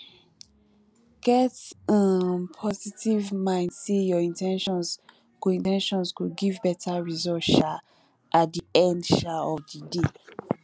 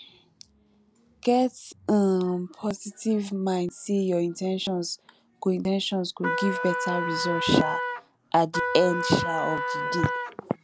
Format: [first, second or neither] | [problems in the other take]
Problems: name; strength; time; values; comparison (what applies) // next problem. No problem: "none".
first | background sound (Trumpet); 3 dB below the speech